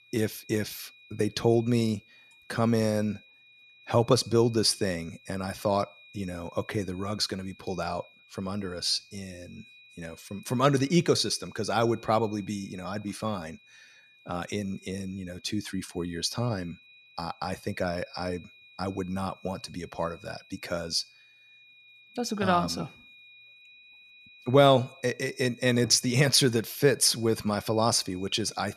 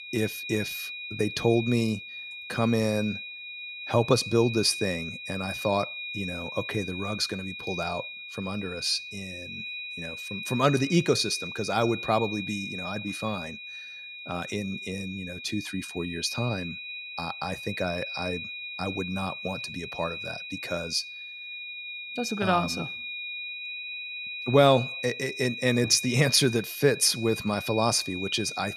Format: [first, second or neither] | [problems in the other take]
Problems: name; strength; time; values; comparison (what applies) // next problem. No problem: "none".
first | high-pitched whine; loud; throughout; 2.5 kHz, 8 dB below the speech; faint in the first